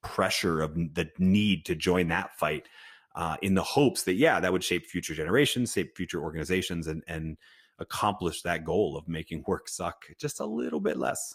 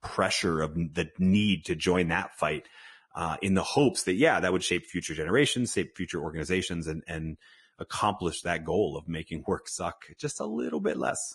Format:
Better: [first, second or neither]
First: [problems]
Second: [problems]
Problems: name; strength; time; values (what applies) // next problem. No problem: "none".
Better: first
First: garbled, watery; slightly; nothing above 15 kHz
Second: garbled, watery; badly; nothing above 10.5 kHz